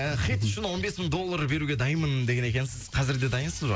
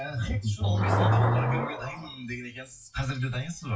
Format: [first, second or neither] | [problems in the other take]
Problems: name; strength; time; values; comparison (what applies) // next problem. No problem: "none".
first | noise reduction (classical method WPE with log-MMSE)